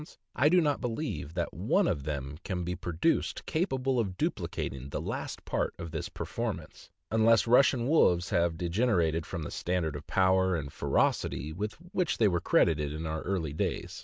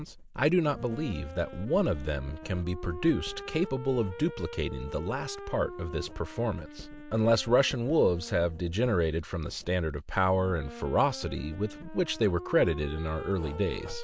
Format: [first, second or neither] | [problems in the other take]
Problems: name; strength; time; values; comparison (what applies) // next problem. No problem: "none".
first | background sound (Wind instrument, woodwind instrument + Writing); 13 dB below the speech